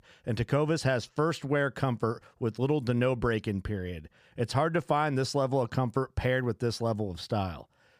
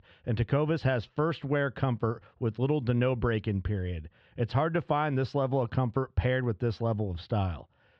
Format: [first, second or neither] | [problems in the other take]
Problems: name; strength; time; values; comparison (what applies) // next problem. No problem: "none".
first | muffled; slightly; fading above 3.5 kHz